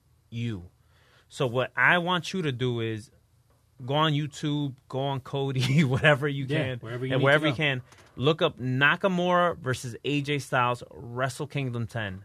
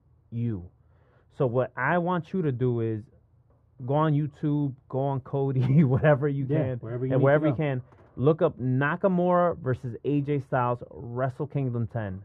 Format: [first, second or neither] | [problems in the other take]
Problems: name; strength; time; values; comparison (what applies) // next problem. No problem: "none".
first | muffled; very; fading above 2 kHz